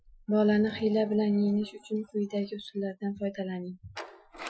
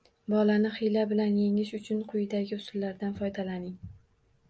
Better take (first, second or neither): second